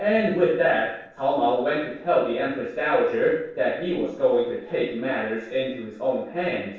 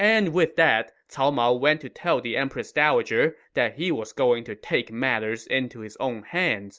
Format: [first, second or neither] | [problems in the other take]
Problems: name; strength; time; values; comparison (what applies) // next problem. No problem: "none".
second | noise reduction (neural separator model SepFormer DNS4)